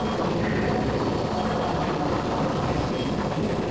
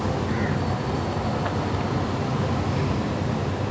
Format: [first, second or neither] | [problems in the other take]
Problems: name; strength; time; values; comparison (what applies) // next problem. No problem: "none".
second | noise reduction (neural separator model SepFormer DNS4)